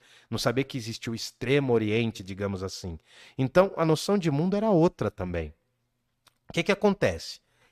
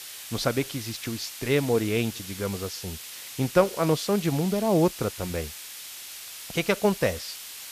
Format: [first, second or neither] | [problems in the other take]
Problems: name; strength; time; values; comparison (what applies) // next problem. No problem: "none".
first | hiss; noticeable; throughout; 10 dB below the speech